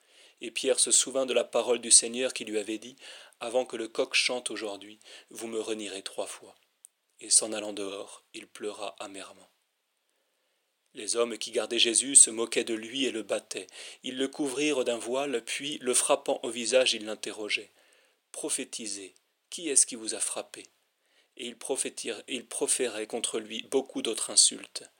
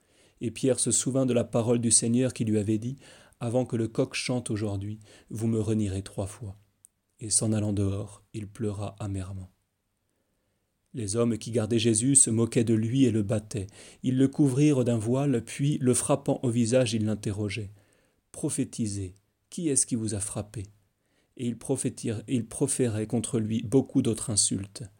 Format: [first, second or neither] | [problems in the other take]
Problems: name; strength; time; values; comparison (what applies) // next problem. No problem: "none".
second | thin; very; fading below 450 Hz